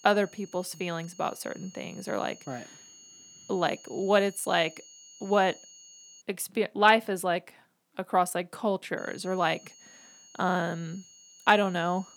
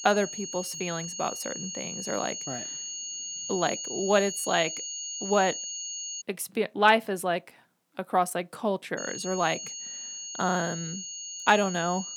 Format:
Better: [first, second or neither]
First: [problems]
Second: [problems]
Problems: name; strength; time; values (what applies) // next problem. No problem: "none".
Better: first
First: high-pitched whine; faint; until 6 s and from 9 s on; 6.5 kHz, 20 dB below the speech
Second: high-pitched whine; loud; until 6 s and from 9 s on; 6.5 kHz, 6 dB below the speech